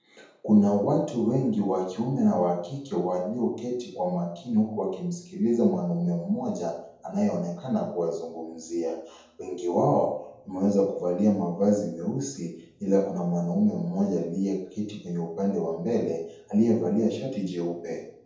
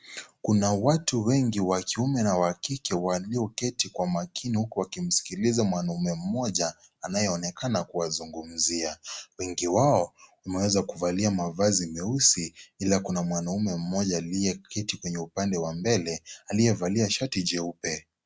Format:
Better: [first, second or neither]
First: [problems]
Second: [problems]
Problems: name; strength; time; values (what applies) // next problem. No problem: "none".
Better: second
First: room echo; dies away in 0.7 s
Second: none